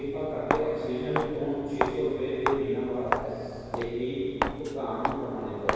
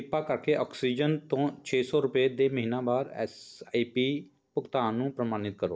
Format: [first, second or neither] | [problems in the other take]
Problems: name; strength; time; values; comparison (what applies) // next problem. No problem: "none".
second | background sound (Walk, footsteps); 3 dB below the speech // room echo; dies away in 2.2 s